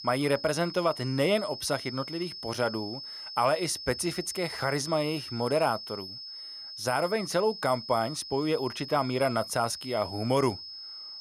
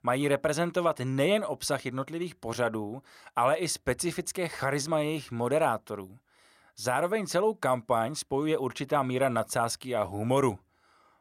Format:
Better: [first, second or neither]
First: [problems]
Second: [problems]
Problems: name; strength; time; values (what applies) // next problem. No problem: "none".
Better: second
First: high-pitched whine; loud; throughout; 5 kHz, 10 dB below the speech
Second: none